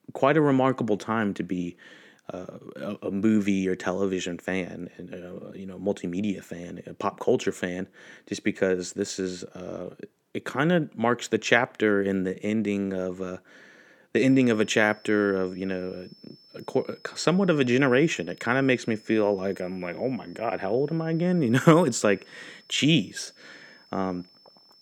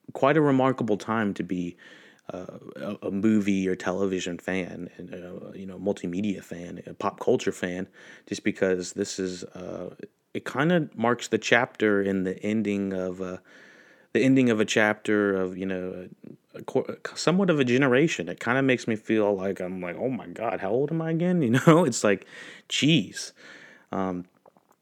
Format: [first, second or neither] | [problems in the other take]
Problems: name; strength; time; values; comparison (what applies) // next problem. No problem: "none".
second | high-pitched whine; faint; from 14 s on; 5.5 kHz, 30 dB below the speech